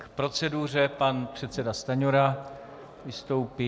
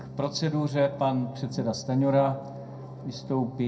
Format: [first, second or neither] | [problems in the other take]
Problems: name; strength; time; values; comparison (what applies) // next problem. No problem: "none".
first | background sound (Organ); 14 dB below the speech // room echo; dies away in 0.2 s